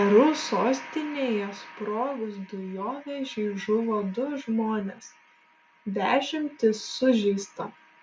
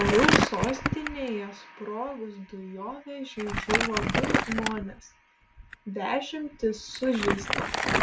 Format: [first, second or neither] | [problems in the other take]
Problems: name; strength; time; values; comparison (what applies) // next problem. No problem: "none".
first | background sound (Crumpling, crinkling); 2 dB above the speech